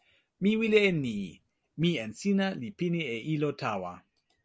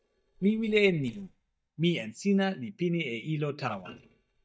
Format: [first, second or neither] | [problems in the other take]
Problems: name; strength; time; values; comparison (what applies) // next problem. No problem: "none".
first | noise reduction (neural mask model DeepFilterNet 3)